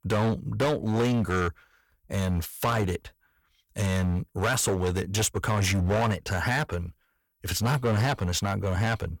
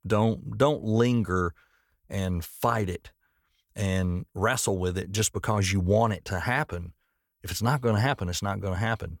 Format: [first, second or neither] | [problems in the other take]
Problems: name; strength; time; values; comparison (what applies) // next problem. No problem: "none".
second | distortion; heavy; 15% of the sound clipped